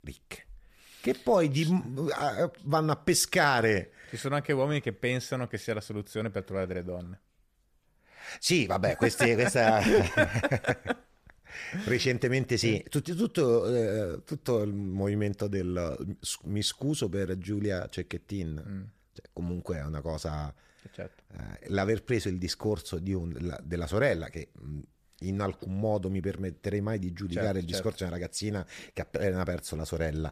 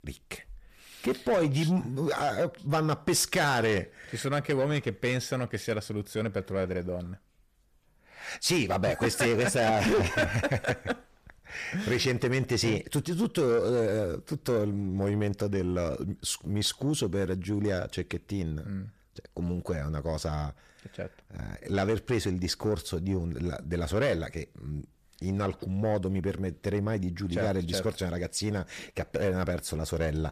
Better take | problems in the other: first | distortion; slight; 10 dB below the speech

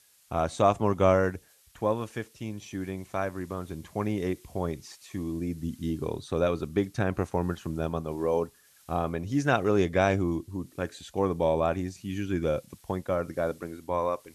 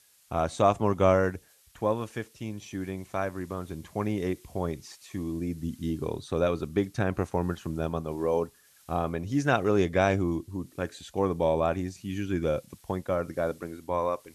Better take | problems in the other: neither | hiss; faint; throughout; 30 dB below the speech; the same in both

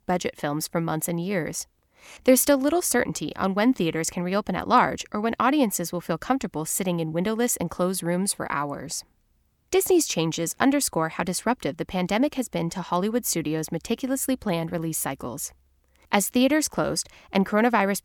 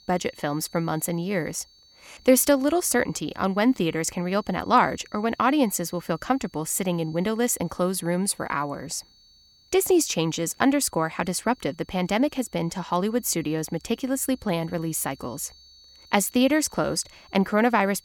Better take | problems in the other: first | high-pitched whine; faint; throughout; 4.5 kHz, 30 dB below the speech

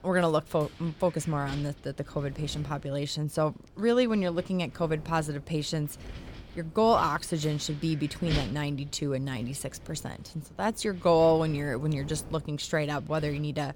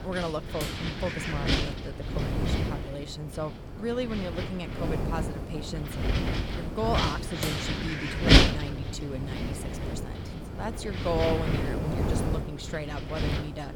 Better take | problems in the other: first | wind noise on the microphone; heavy; 4 dB above the speech; occasional gusts in the first

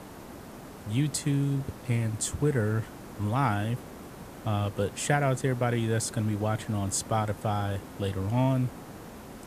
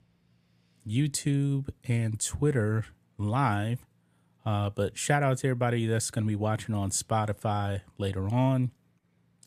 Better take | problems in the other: second | hiss; noticeable; throughout; 15 dB below the speech

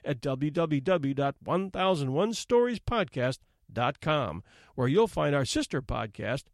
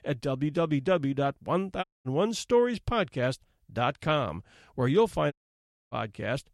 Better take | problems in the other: first | audio cutting out; at 2 s and at 5.5 s for 0.5 s

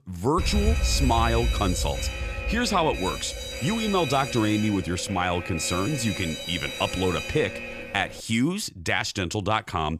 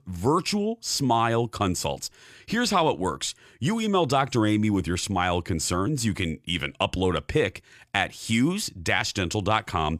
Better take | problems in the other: second | alarm; loud; until 8 s; peak 1 dB above the speech

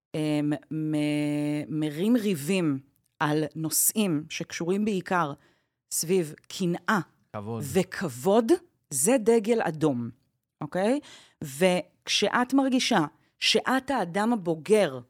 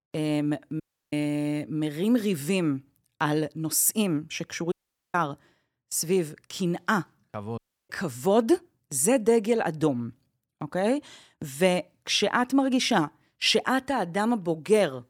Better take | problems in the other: first | audio cutting out; at 1 s, at 4.5 s and at 7.5 s

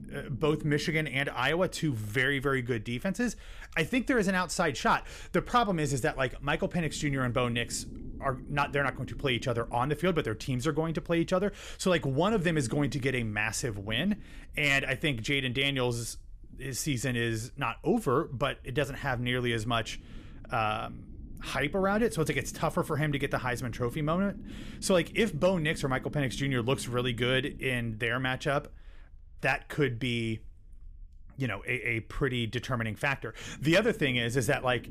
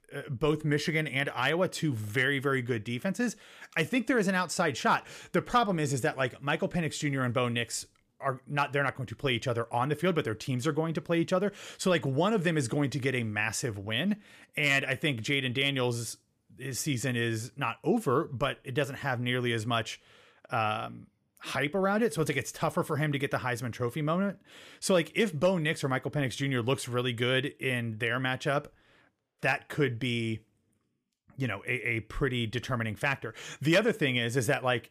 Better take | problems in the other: second | low rumble; faint; throughout; 25 dB below the speech

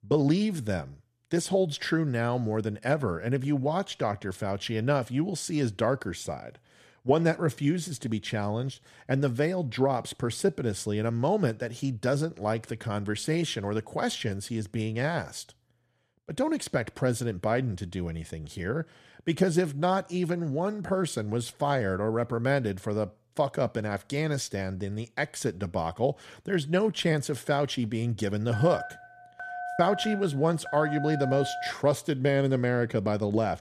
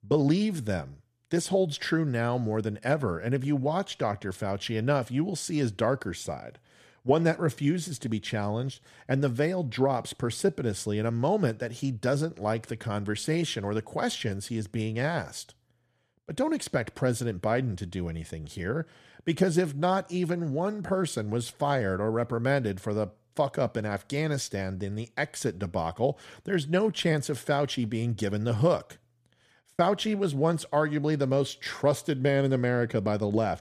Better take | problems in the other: second | phone ringing; noticeable; from 29 to 32 s; peak 6 dB below the speech

